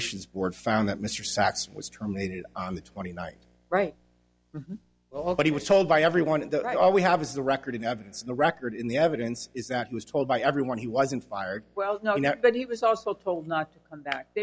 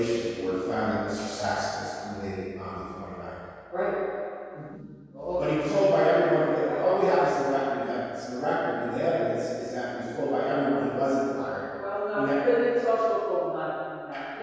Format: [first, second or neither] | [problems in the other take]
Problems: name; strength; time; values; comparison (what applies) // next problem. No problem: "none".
first | room echo; dies away in 2.2 s